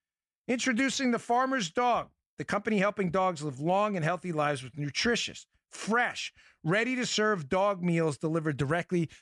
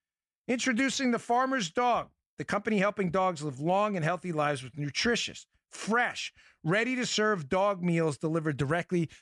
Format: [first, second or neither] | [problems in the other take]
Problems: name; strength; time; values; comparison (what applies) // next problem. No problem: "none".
neither | none